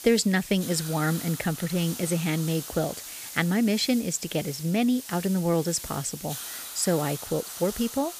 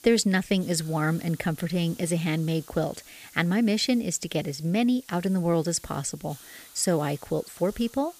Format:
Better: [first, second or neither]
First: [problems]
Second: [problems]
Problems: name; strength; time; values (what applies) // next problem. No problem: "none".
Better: second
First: hiss; loud; throughout; 10 dB below the speech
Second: hiss; faint; throughout; 20 dB below the speech